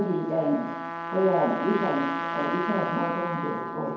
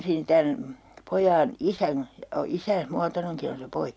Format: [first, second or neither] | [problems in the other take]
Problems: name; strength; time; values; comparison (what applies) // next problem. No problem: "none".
second | background sound (Trumpet); 5 dB below the speech // room echo; dies away in 0.9 s